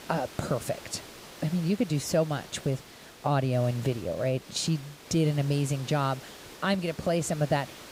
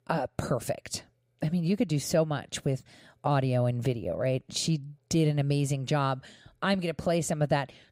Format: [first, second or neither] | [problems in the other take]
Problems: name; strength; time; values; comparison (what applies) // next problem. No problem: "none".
second | hiss; noticeable; throughout; 15 dB below the speech